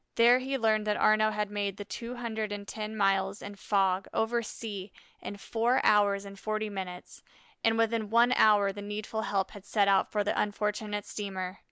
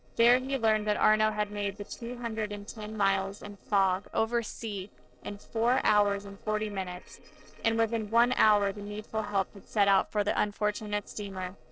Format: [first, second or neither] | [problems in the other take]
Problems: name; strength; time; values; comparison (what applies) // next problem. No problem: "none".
first | noise reduction (neural separator model SepFormer DNS4)